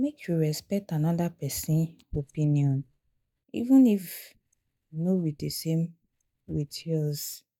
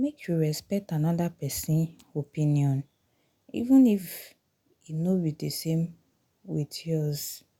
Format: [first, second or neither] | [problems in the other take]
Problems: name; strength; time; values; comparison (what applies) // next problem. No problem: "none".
second | noise reduction (neural mask model DeepFilterNet 3)